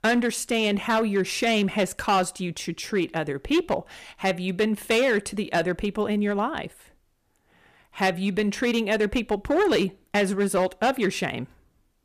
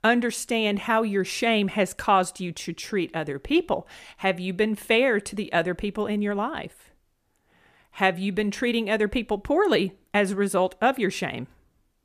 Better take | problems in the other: second | distortion; slight; 6% of the sound clipped

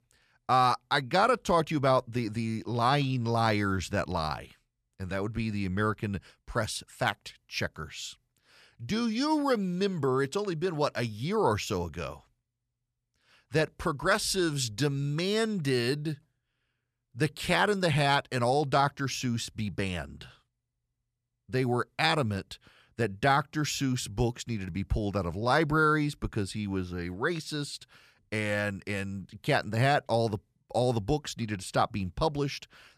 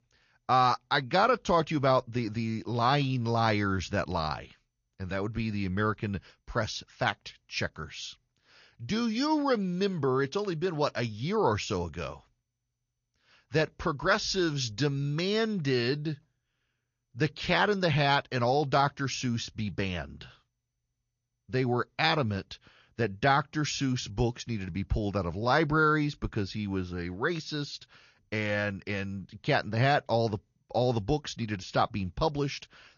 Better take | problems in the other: first | garbled, watery; slightly; nothing above 6.5 kHz

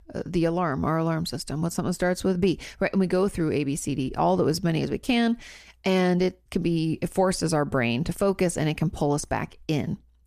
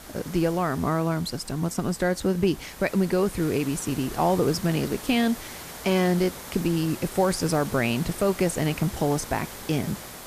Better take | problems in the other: first | hiss; noticeable; throughout; 15 dB below the speech

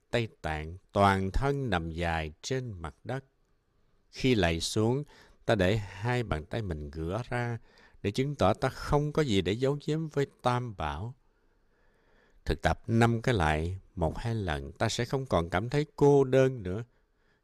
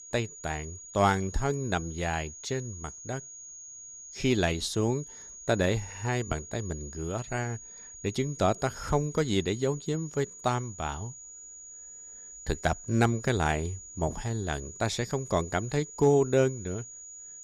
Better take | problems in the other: first | high-pitched whine; noticeable; throughout; 7 kHz, 15 dB below the speech

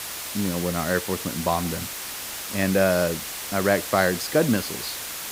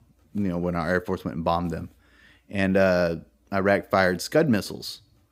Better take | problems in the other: second | hiss; loud; throughout; 6 dB below the speech

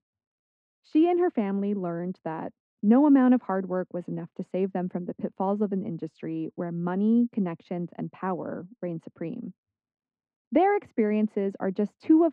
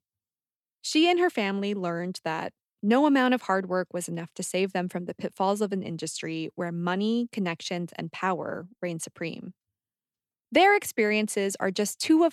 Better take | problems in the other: second | muffled; very; fading above 1 kHz

